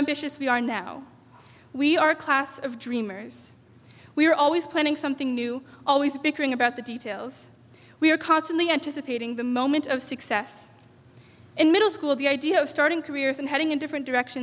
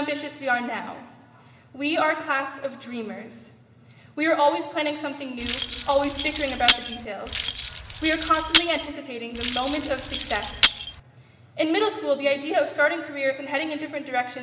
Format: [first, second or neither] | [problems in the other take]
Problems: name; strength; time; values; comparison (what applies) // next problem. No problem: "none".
first | background sound (Keys jangling); 1 dB below the speech // room echo; dies away in 2.5 s